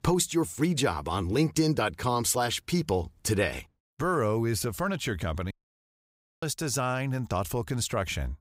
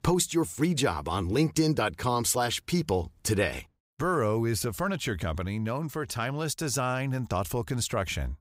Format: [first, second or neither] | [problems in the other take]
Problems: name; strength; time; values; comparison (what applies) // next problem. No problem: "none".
second | audio cutting out; at 5.5 s for 1 s